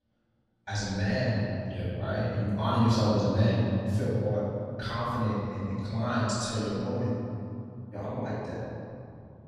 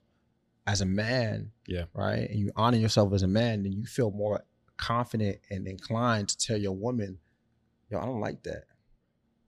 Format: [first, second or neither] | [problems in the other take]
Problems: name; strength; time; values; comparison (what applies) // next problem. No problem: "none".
second | room echo; strong; dies away in 3 s // off-mic speech; far